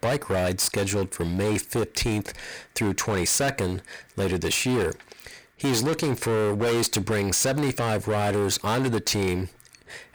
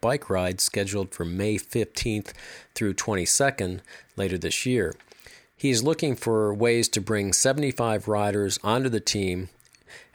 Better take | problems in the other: second | distortion; heavy; 22% of the sound clipped

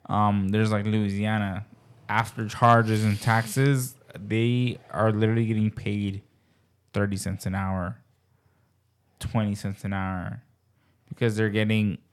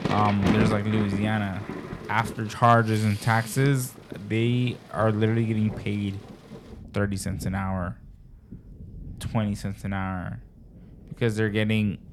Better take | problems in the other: first | rain or running water; loud; throughout; 9 dB below the speech

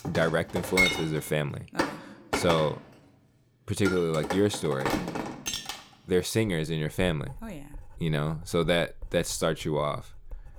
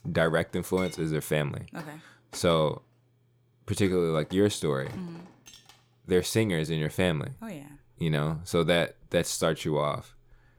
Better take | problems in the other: second | household noises; loud; throughout; 3 dB below the speech; faint in the second

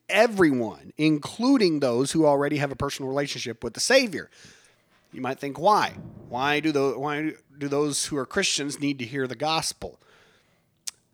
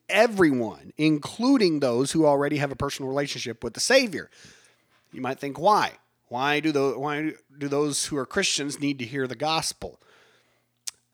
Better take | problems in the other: second | rain or running water; faint; throughout; 25 dB below the speech

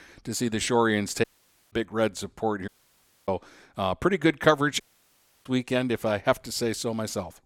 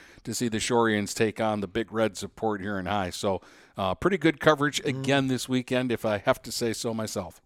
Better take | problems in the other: second | audio cutting out; at 1 s, at 2.5 s for 0.5 s and at 5 s for 0.5 s

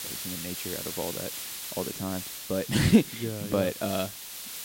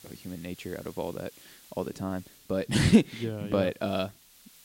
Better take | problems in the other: second | hiss; loud; throughout; 7 dB below the speech; faint in the second

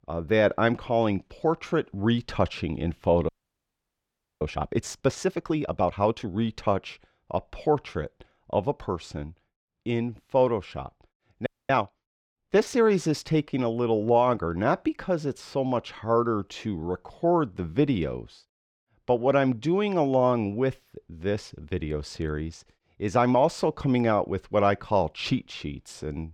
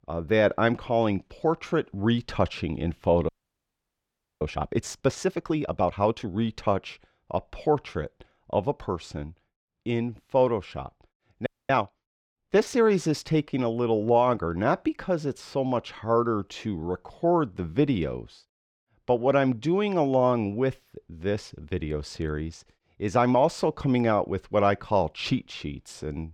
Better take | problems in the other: neither | audio freezing; at 3.5 s for 1 s and at 11 s; the same in both

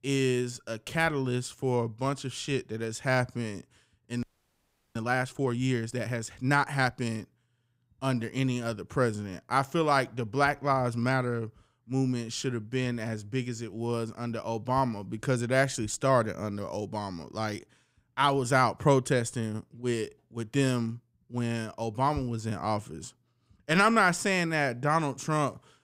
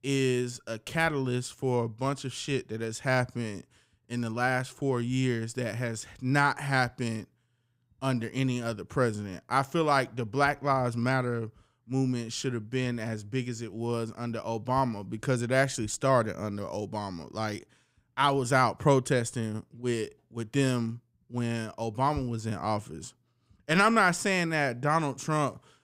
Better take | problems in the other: second | audio freezing; at 4 s for 0.5 s

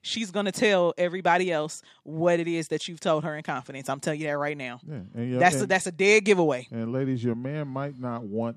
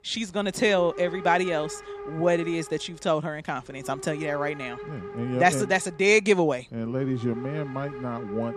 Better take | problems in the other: first | hiss; noticeable; throughout; 15 dB below the speech

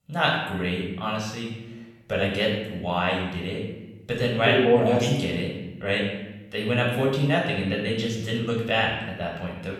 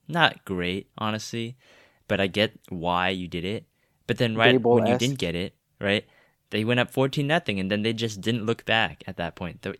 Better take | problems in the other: second | off-mic speech; far // room echo; noticeable; dies away in 0.9 s

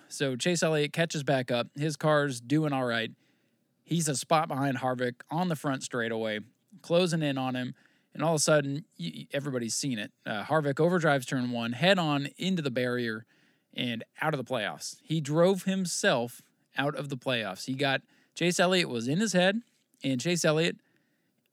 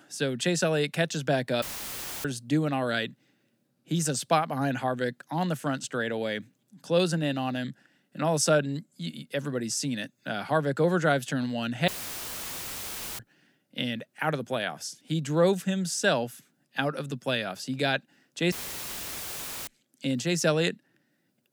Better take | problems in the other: first | audio cutting out; filled with static; at 1.5 s for 0.5 s, at 12 s for 1.5 s and at 19 s for 1 s

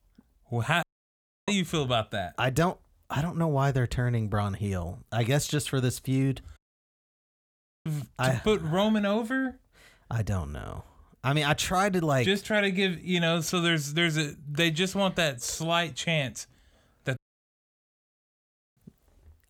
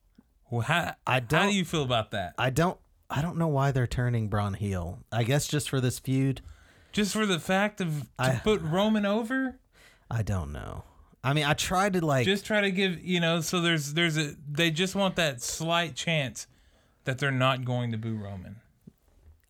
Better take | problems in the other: second | audio cutting out; at 1 s for 0.5 s, at 6.5 s for 1.5 s and at 17 s for 1.5 s

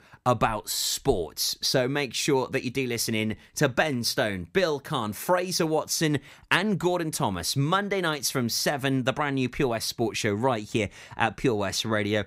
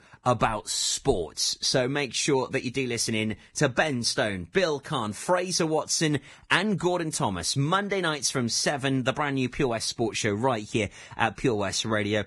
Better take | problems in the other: first | garbled, watery; badly; nothing above 11 kHz

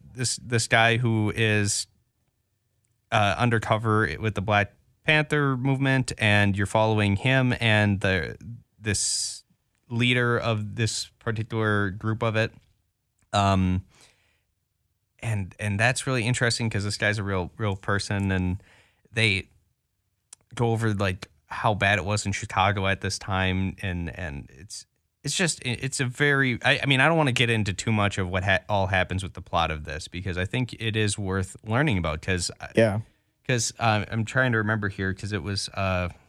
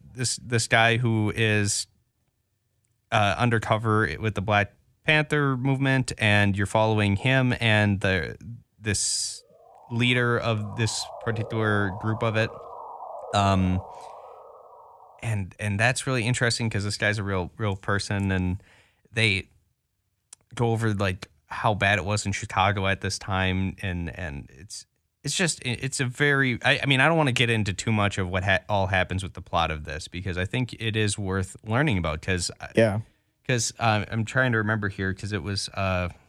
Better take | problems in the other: first | siren; faint; from 9.5 to 15 s; peak 15 dB below the speech

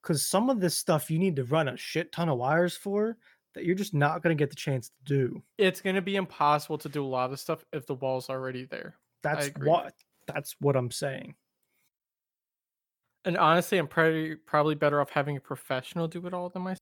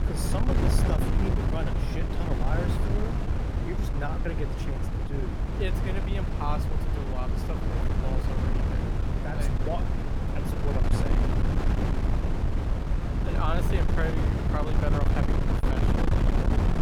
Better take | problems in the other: first | wind noise on the microphone; heavy; 1 dB above the speech

